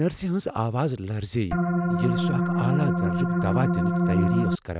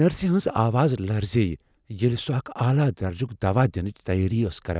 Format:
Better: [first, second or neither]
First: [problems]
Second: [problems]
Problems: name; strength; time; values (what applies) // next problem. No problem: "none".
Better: second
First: background sound (Organ); 4 dB above the speech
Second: none